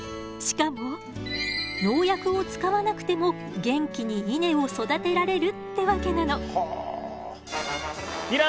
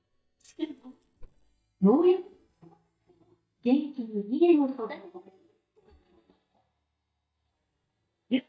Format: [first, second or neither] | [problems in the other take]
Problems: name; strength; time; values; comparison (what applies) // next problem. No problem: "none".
first | noise reduction (neural mask model DeepFilterNet 3)